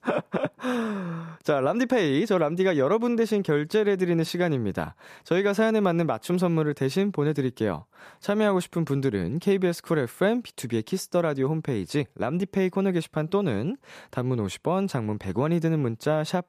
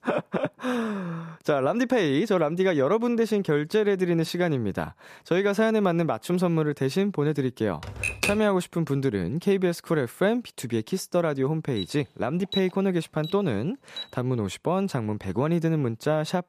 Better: first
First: none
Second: keyboard typing; noticeable; at 8 s; peak level with the speech // alarm; noticeable; from 12 to 14 s; peak 8 dB below the speech

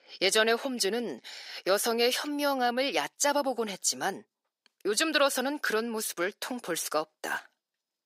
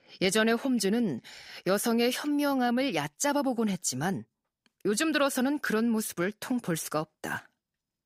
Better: second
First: thin; somewhat; fading below 450 Hz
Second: none

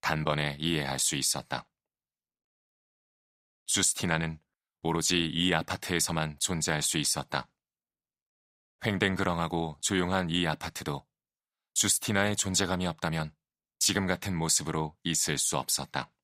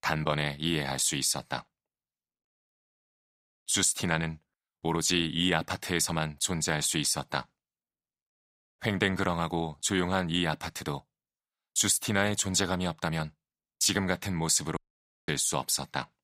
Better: first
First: none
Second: audio cutting out; at 15 s for 0.5 s

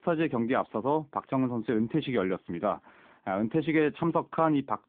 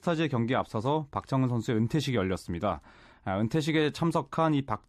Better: second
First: phone-call audio; nothing above 3.5 kHz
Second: none

